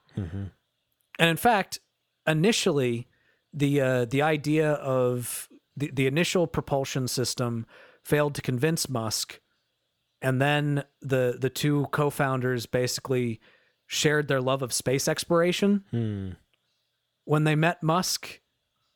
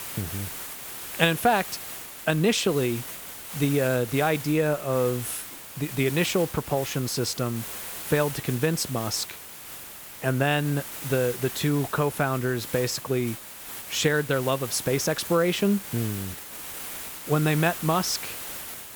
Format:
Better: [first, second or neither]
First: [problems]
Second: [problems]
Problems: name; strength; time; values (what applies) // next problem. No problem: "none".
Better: first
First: none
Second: hiss; loud; throughout; 9 dB below the speech